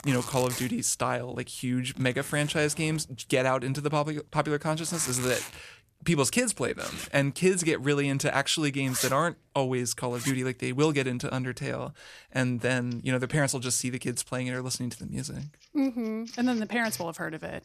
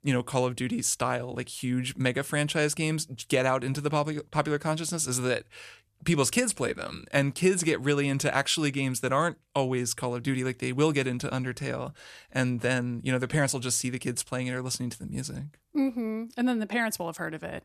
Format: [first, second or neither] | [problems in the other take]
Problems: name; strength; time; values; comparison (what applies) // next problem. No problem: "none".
second | household noises; noticeable; throughout; 10 dB below the speech